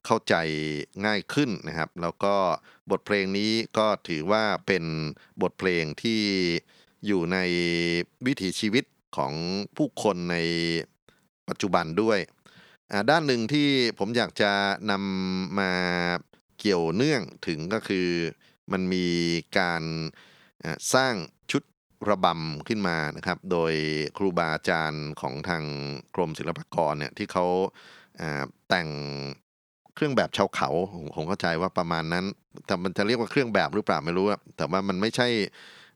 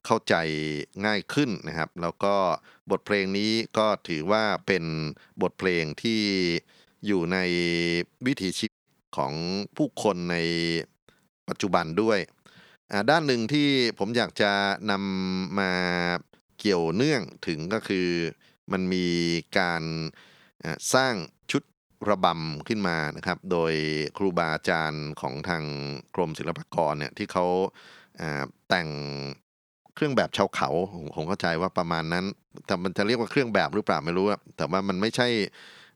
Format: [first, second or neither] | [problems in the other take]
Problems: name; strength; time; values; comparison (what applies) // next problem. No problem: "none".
first | audio cutting out; at 8.5 s